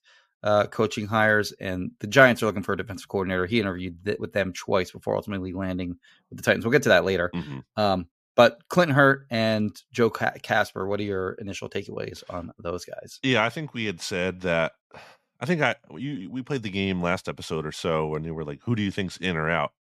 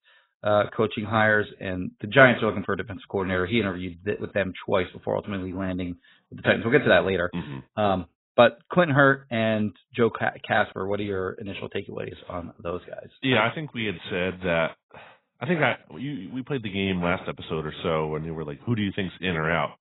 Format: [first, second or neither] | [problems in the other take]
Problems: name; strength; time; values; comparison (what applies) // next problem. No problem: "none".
first | garbled, watery; badly; nothing above 4 kHz